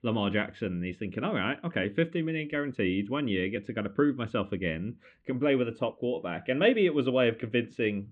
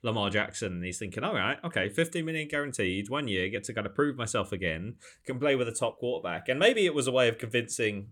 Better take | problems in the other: second | muffled; very; fading above 3 kHz

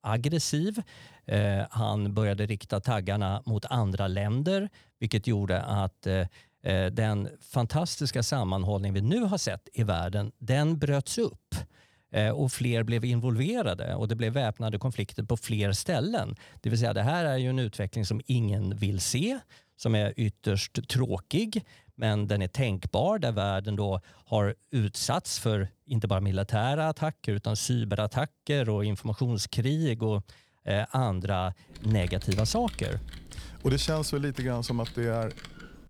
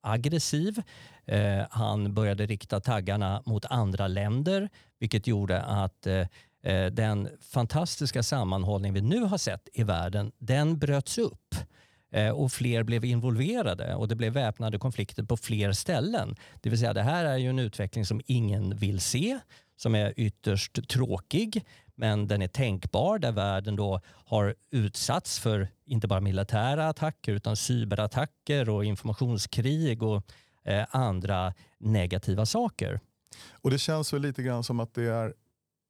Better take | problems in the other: second | keyboard typing; noticeable; from 32 s on; peak 8 dB below the speech

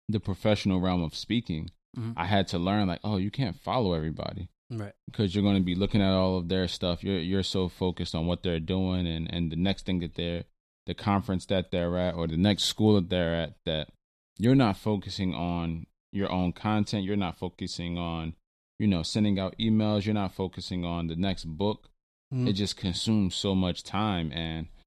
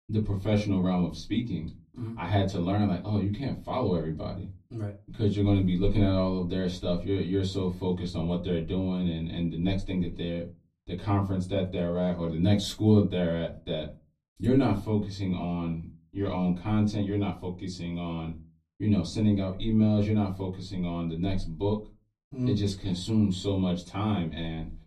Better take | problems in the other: first | off-mic speech; far // room echo; very slight; dies away in 0.2 s

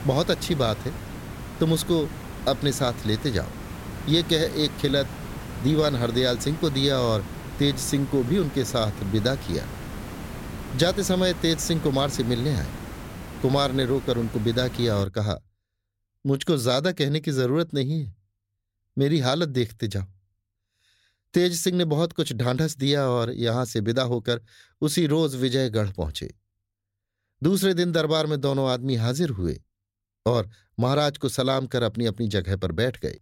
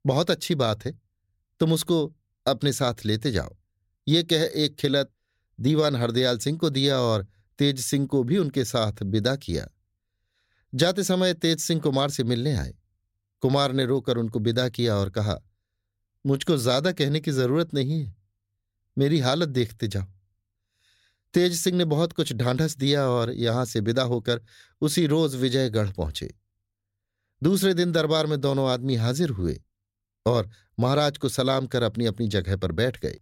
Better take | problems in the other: second | hiss; noticeable; until 15 s; 10 dB below the speech

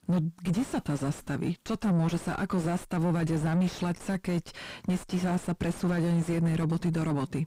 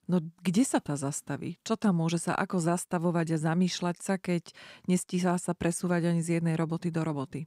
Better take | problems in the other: second | distortion; heavy; 5 dB below the speech

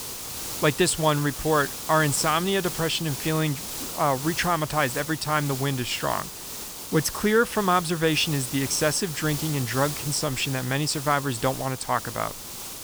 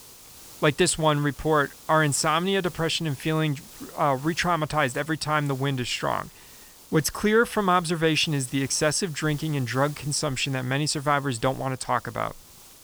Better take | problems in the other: second | hiss; loud; throughout; 8 dB below the speech; faint in the second

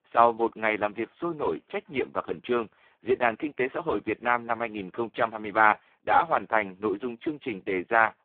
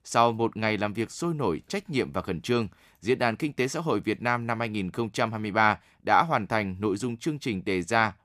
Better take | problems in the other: second | phone-call audio; poor line

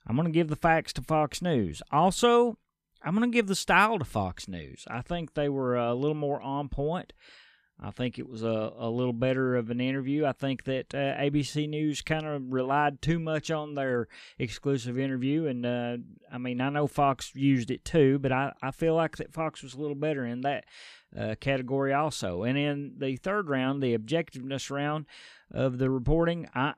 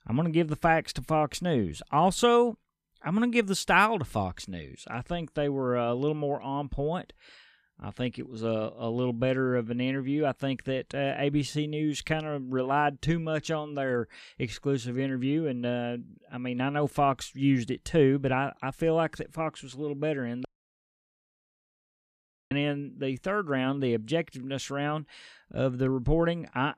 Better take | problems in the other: first | audio cutting out; at 20 s for 2 s

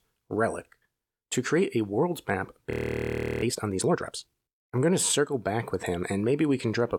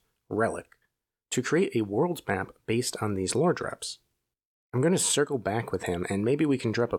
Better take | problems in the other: second | audio freezing; at 2.5 s for 0.5 s

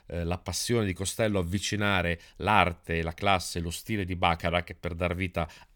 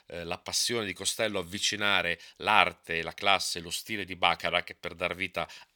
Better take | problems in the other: first | thin; somewhat; fading below 550 Hz

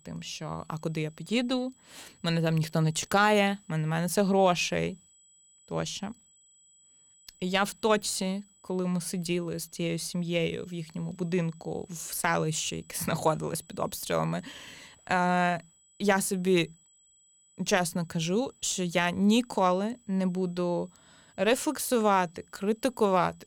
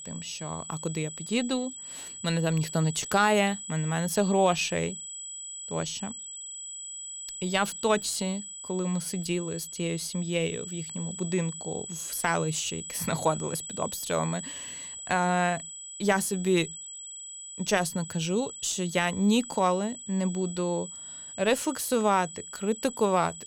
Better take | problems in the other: first | high-pitched whine; loud; throughout; 8 kHz, 9 dB below the speech; faint in the first

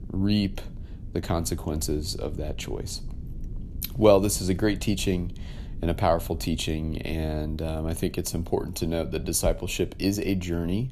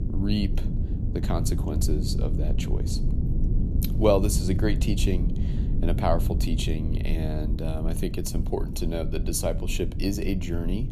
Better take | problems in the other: first | low rumble; loud; throughout; 10 dB below the speech; faint in the first

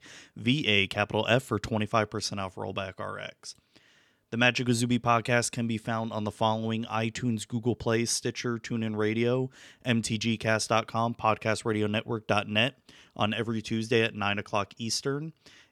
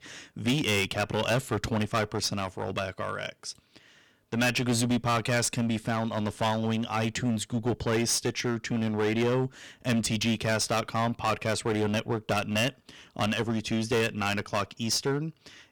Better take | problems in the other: first | distortion; heavy; 11% of the sound clipped

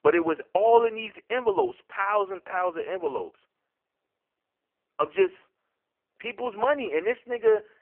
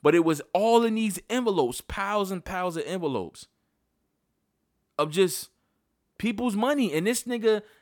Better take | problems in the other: second | phone-call audio; poor line; nothing above 3 kHz

